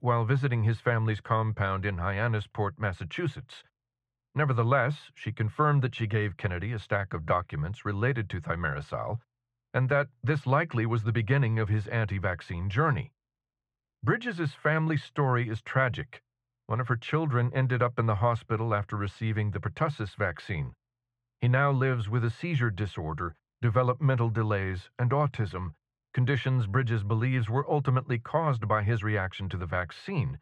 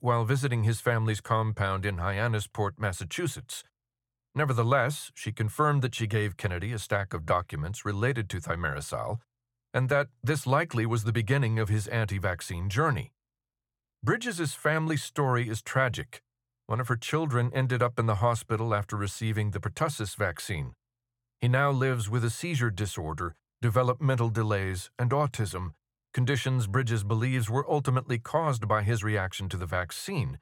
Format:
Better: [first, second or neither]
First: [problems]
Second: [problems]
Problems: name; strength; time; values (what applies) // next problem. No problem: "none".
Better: second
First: muffled; slightly; fading above 2.5 kHz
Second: none